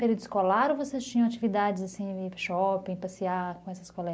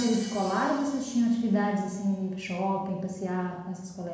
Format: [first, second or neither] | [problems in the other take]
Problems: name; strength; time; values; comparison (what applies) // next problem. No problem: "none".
first | background sound (Crash cymbal); 20 dB below the speech // room echo; dies away in 1.1 s